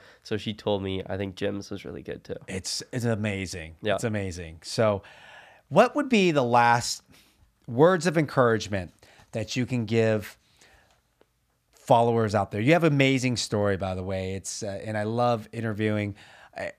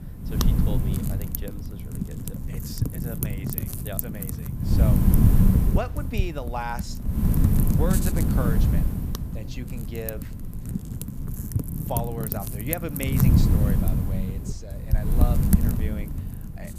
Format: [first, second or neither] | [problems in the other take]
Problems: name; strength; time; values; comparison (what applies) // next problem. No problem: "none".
first | wind noise on the microphone; heavy; 1 dB above the speech